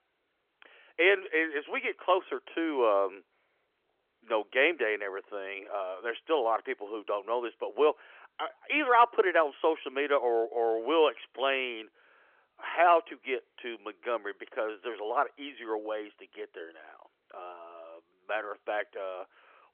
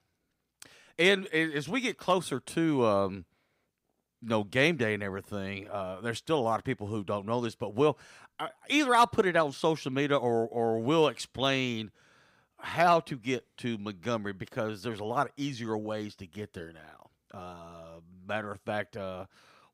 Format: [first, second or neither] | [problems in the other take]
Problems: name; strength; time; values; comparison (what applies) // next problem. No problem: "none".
second | phone-call audio; nothing above 3.5 kHz